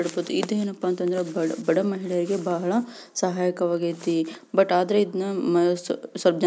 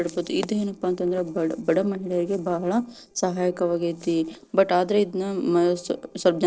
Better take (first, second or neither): first